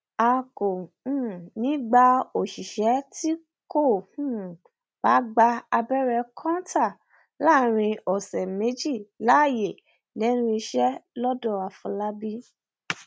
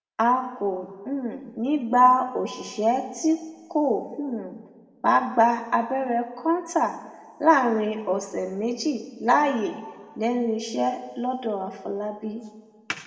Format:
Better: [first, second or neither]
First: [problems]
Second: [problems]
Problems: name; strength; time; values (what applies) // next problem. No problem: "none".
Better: first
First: none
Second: room echo; dies away in 1.3 s